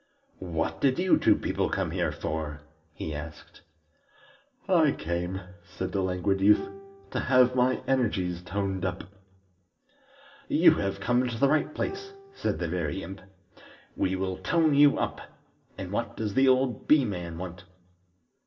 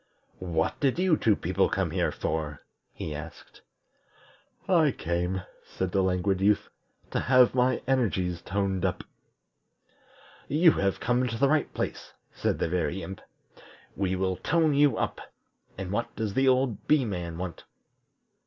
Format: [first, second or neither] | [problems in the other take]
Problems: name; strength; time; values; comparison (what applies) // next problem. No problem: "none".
second | background sound (Bowed string instrument); 18 dB below the speech // room echo; dies away in 0.5 s